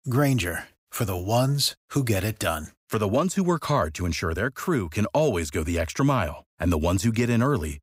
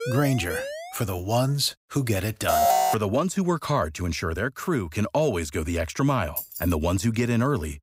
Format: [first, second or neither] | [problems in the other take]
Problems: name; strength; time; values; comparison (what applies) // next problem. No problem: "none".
first | siren; noticeable; at the start; peak 7 dB below the speech // alarm; loud; at 2.5 s; peak 6 dB above the speech // jangling keys; noticeable; at 6.5 s; peak 6 dB below the speech